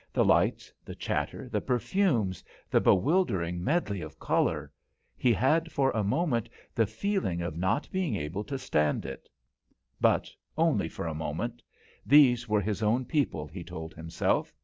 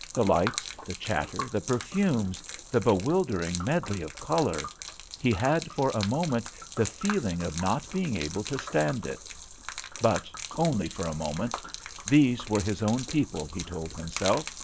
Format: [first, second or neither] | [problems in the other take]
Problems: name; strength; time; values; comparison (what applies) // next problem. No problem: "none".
first | background sound (Gurgling / Liquid); 11 dB below the speech